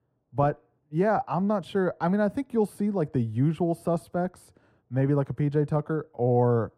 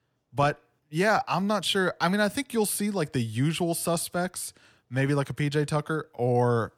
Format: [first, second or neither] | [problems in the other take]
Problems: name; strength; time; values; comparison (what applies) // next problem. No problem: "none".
second | muffled; very; fading above 1.5 kHz